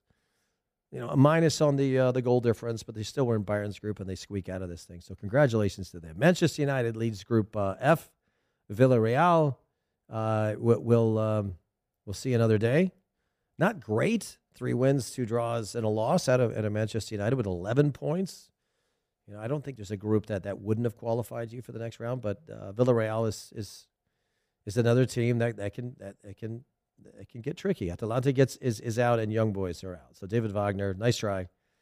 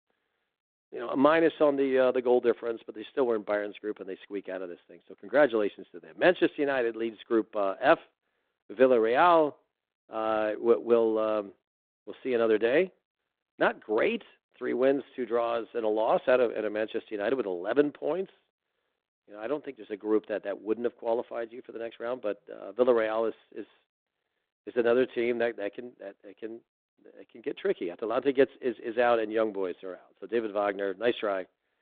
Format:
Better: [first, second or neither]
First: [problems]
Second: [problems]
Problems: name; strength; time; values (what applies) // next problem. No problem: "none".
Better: first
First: none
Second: phone-call audio; nothing above 3.5 kHz